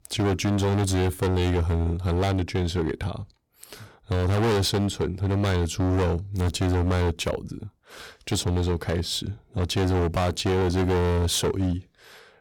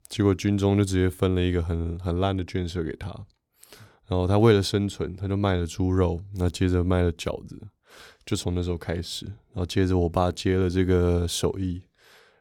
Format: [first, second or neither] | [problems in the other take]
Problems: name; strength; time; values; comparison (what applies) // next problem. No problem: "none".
second | distortion; heavy; 22% of the sound clipped